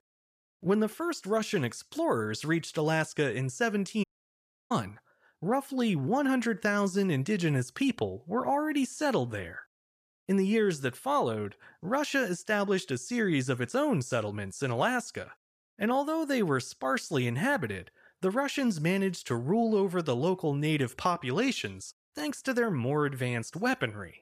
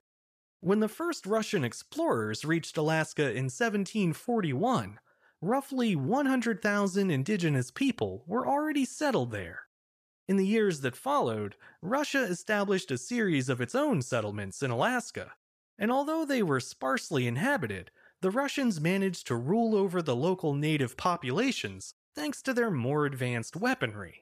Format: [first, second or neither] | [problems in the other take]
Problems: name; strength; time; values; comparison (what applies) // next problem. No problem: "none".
second | audio cutting out; at 4 s for 0.5 s